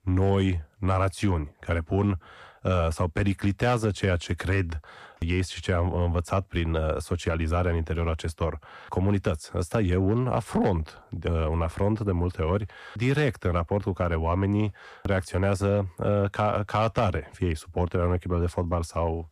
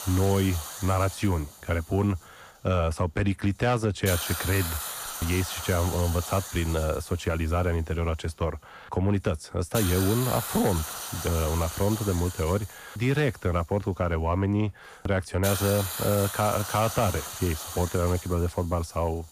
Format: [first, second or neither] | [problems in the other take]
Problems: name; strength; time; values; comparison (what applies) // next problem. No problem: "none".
first | hiss; loud; throughout; 7 dB below the speech